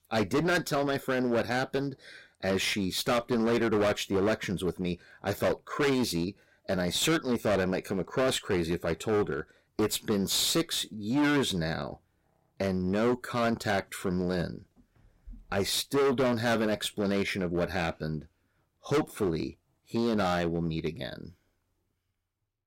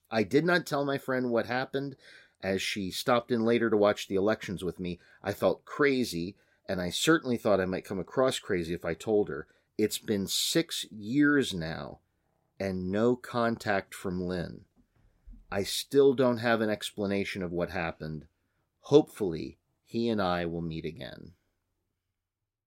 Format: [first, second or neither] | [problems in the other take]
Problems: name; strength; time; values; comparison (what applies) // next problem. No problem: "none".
second | distortion; heavy; 13% of the sound clipped